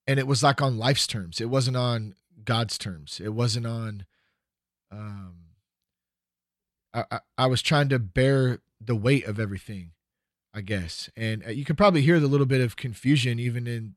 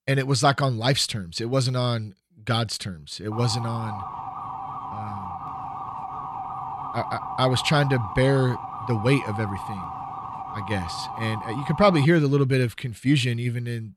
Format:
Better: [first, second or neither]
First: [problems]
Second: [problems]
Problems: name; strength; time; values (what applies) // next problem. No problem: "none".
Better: first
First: none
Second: siren; noticeable; from 3.5 to 12 s; peak 8 dB below the speech